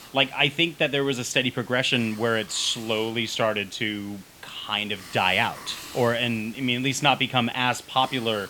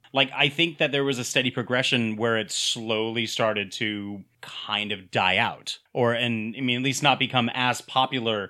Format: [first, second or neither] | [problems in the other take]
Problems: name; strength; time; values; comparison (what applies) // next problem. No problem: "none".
second | hiss; noticeable; throughout; 20 dB below the speech